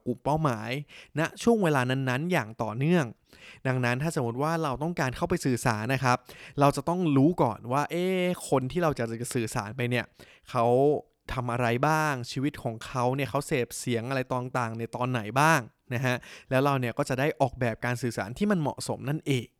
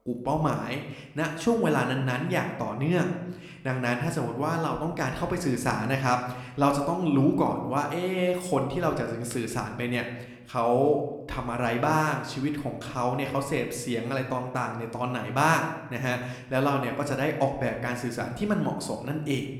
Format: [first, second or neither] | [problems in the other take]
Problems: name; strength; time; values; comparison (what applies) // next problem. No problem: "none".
first | room echo; slight; dies away in 0.8 s